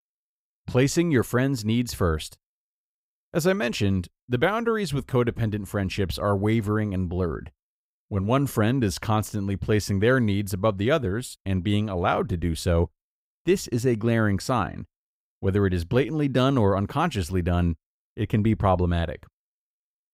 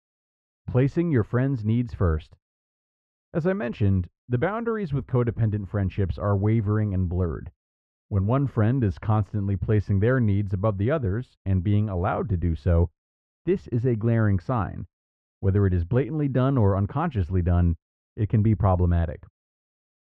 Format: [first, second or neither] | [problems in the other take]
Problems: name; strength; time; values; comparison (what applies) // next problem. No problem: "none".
first | muffled; very; fading above 1.5 kHz